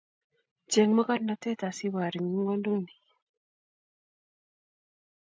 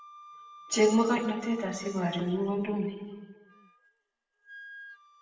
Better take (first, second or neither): first